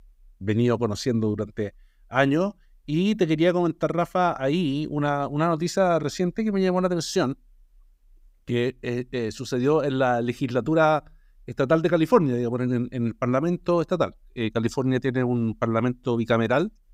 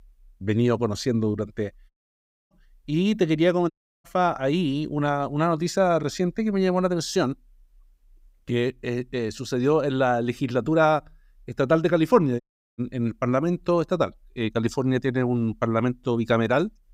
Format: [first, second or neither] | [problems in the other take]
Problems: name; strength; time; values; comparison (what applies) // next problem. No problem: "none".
first | audio cutting out; at 2 s for 0.5 s, at 3.5 s and at 12 s